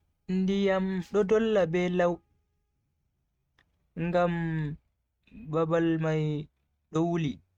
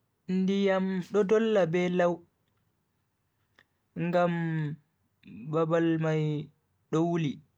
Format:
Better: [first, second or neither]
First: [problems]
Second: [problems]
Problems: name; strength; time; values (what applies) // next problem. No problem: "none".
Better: second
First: noise reduction (neural mask model RNNoise)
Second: none